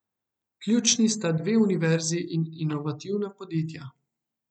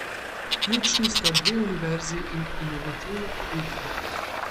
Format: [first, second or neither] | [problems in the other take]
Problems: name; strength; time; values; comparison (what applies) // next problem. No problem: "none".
first | background sound (Bird + Traffic noise, roadway noise); 2 dB above the speech